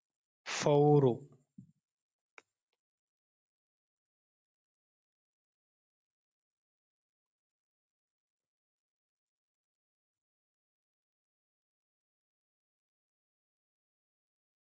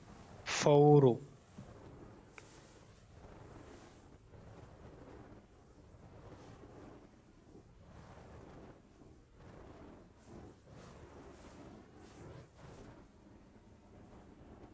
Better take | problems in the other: first | background sound (Fire); 17 dB below the speech

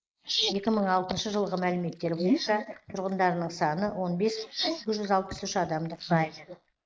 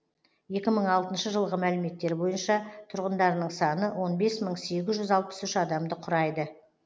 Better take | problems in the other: second | noise reduction (neural mask model Resemble Enhance denoiser)

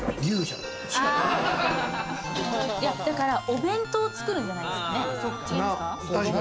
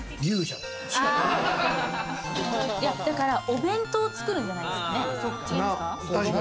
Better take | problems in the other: second | background sound (Thunder); 16 dB below the speech

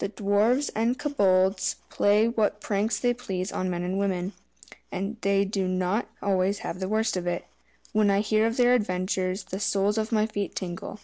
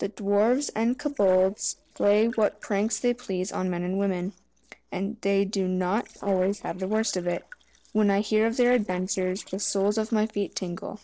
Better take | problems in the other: first | noise reduction (neural separator model SepFormer DNS4)

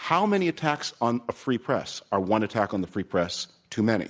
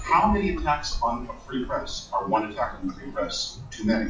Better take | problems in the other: first | noise reduction (classical method WPE with log-MMSE)

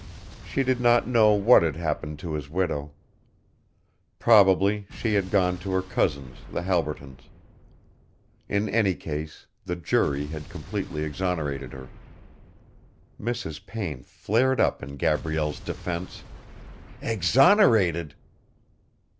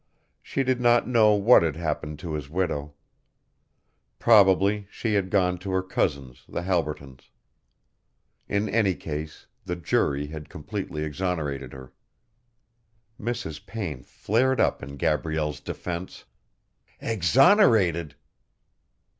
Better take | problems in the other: second | background sound (Explosion); 18 dB below the speech

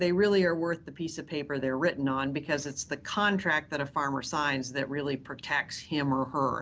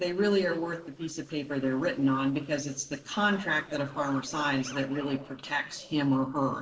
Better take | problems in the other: first | noise reduction (neural separator model SepFormer DNS4)

